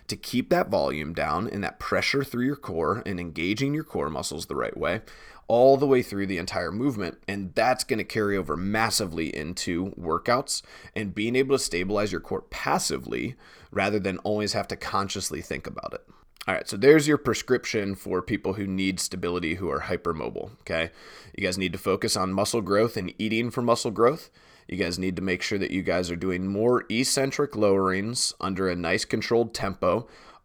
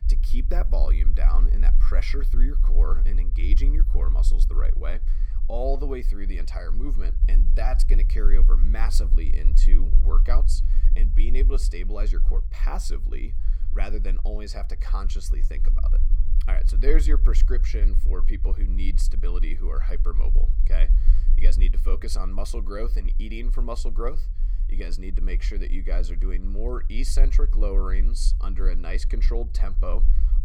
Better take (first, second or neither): first